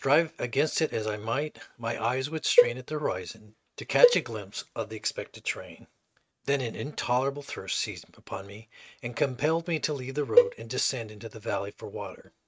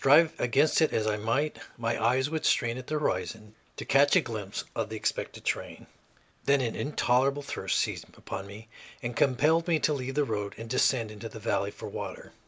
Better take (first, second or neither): second